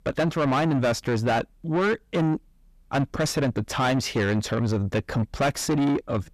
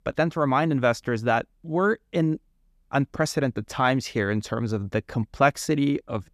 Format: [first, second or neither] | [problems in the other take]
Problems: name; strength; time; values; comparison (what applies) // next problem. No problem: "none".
second | distortion; heavy; 7 dB below the speech